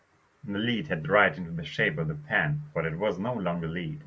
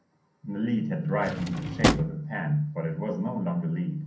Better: first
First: none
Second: background sound (Drawer open or close); as loud as the speech // room echo; dies away in 0.6 s

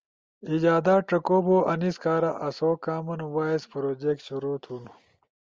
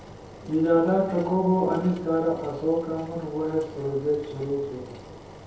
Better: first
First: none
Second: background sound (Engine); 18 dB below the speech // room echo; dies away in 2 s

